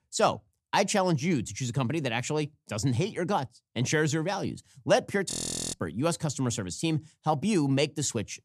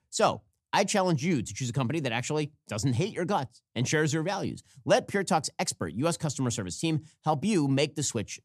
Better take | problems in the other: second | audio freezing; at 5.5 s

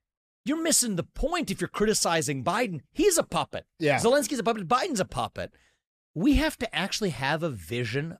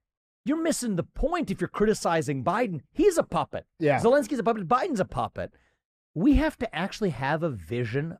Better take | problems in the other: first | muffled; slightly; fading above 2.5 kHz

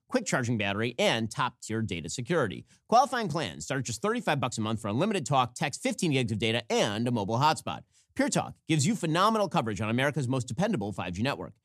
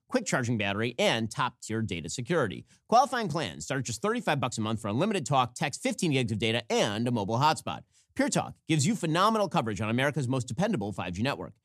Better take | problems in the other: neither | none

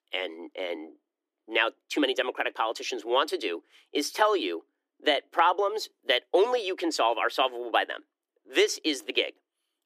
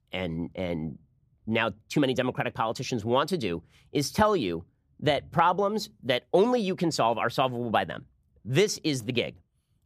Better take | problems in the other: second | thin; somewhat; fading below 300 Hz

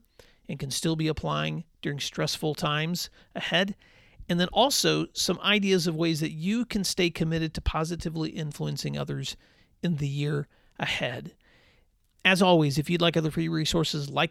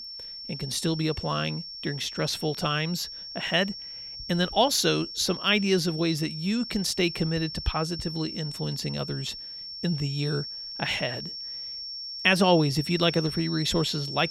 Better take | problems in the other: first | high-pitched whine; loud; throughout; 5.5 kHz, 8 dB below the speech

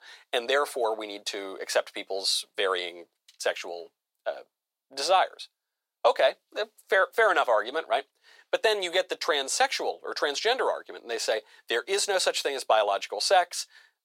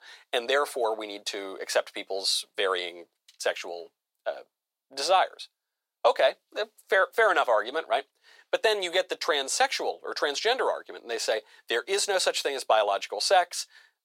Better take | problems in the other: neither | thin; very; fading below 500 Hz; the same in both

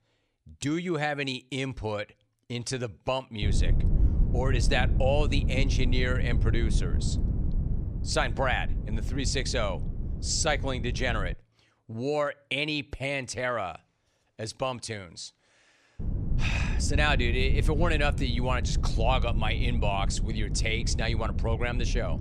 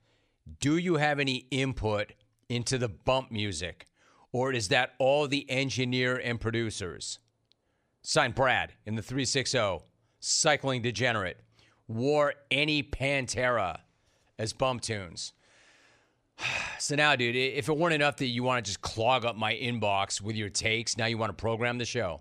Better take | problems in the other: second | low rumble; noticeable; from 3.5 to 11 s and from 16 s on; 15 dB below the speech

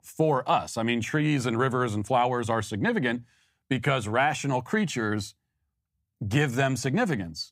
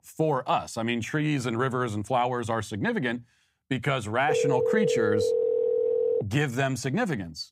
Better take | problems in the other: first | phone ringing; loud; from 4.5 to 6 s; peak 3 dB above the speech

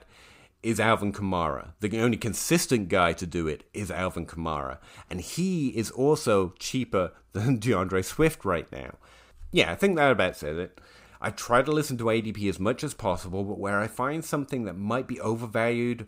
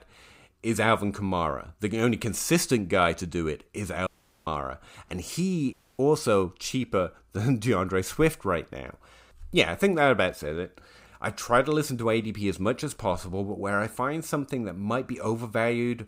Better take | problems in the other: first | audio cutting out; at 4 s and at 5.5 s

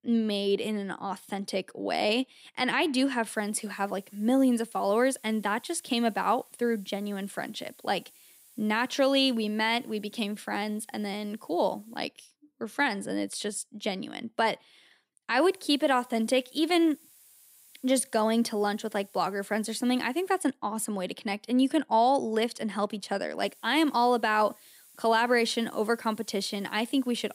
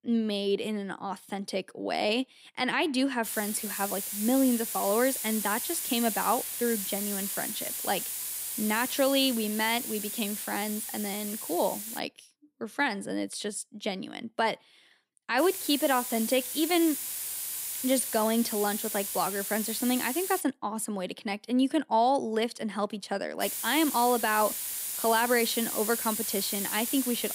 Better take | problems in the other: first | hiss; loud; from 3 to 12 s, from 15 to 20 s and from 23 s on; 3 dB below the speech; faint in the first

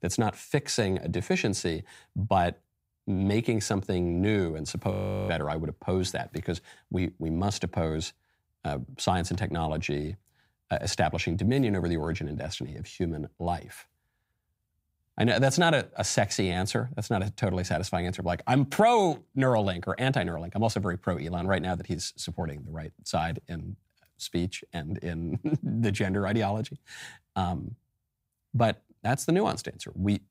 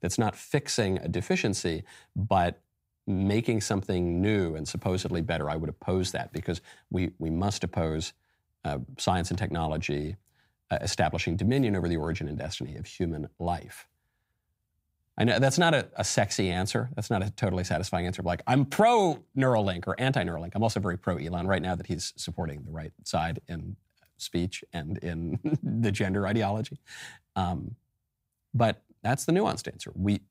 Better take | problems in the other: second | audio freezing; at 5 s

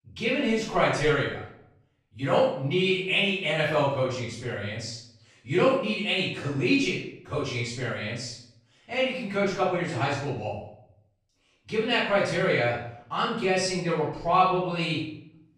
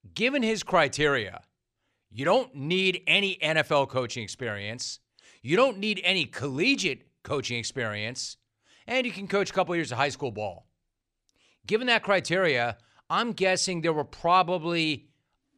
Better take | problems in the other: second | off-mic speech; far // room echo; noticeable; dies away in 0.6 s

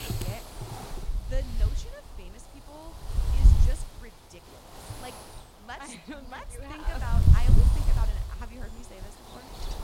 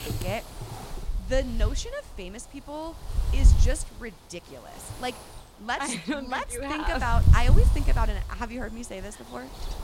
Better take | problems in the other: second | wind noise on the microphone; heavy; as loud as the speech; occasional gusts in the second

